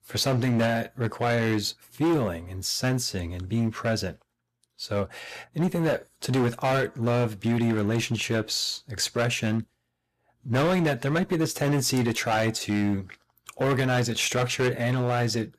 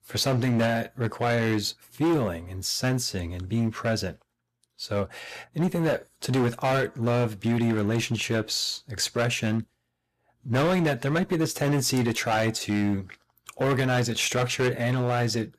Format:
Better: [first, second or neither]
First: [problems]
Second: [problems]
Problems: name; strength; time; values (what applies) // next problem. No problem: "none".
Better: neither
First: distortion; heavy; 11% of the sound clipped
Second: distortion; heavy; 11% of the sound clipped